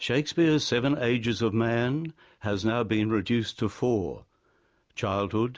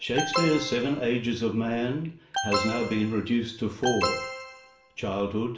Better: first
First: none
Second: background sound (Alarm); 5 dB below the speech // room echo; dies away in 0.5 s

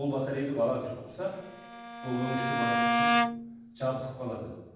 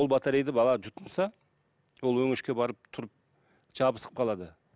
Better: second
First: background sound (Bowed string instrument); 3 dB above the speech // room echo; dies away in 1.2 s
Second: none

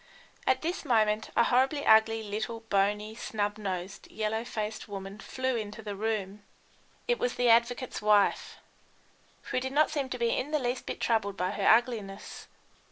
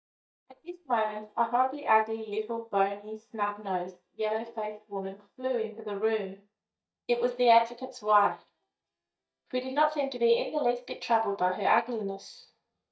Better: first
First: none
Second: noise reduction (neural mask model DeepFilterNet 3)

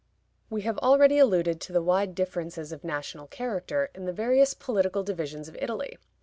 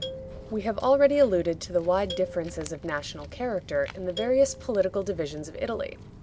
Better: first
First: none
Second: background sound (Marimba, xylophone + Walk, footsteps); 14 dB below the speech

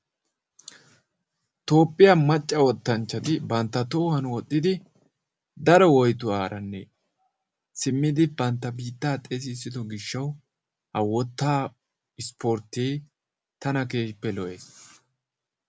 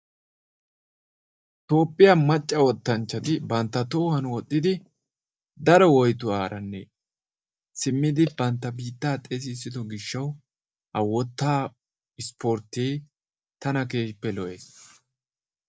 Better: first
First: none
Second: noise reduction (neural mask model DeepFilterNet 3)

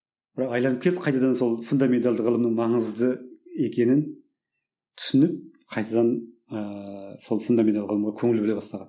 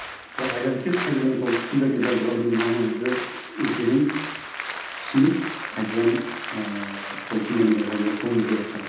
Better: first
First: none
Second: background sound (Applause); 9 dB below the speech // room echo; dies away in 0.8 s

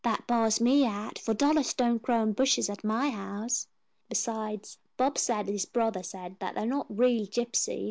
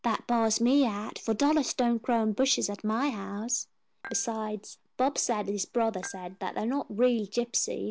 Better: first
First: none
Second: background sound (Dishes, pots, and pans / Chink, clink); 18 dB below the speech

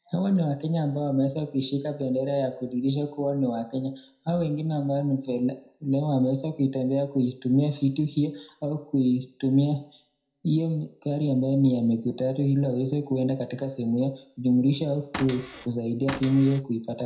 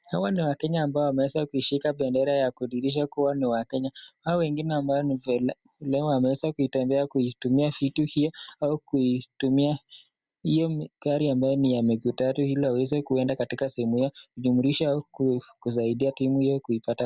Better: second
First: background sound (Cupboard open or close / Door); 12 dB below the speech // room echo; dies away in 0.5 s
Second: none

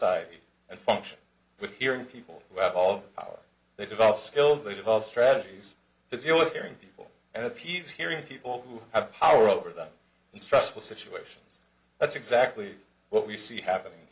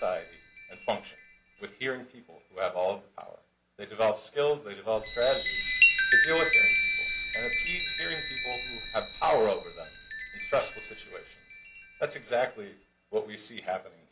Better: first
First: none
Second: background sound (Chime); 1 dB above the speech

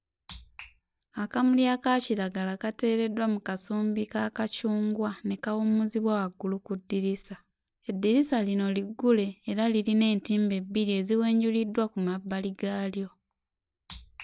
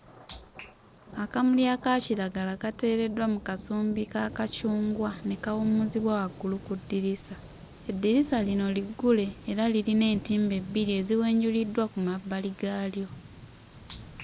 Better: first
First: none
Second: background sound (Thunder); 17 dB below the speech

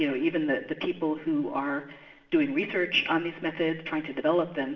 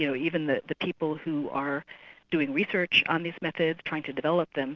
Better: second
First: room echo; dies away in 0.9 s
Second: none

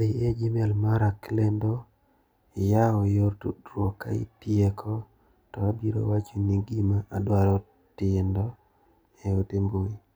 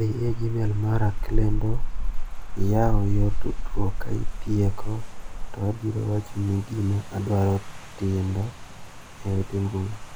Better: first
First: none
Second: background sound (Rain); 2 dB above the speech

